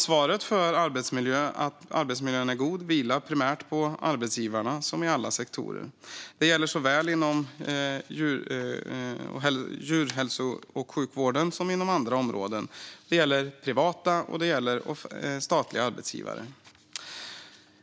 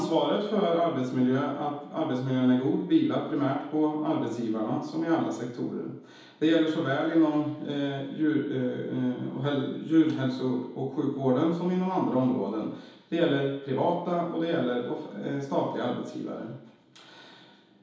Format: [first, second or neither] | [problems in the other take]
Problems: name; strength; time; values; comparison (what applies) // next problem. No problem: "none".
first | room echo; dies away in 2.2 s